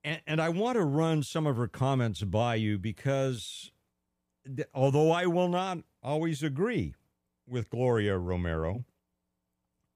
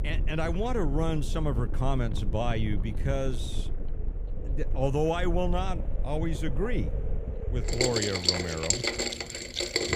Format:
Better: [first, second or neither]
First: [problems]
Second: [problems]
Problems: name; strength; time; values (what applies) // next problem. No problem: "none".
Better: first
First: none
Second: rain or running water; loud; throughout; as loud as the speech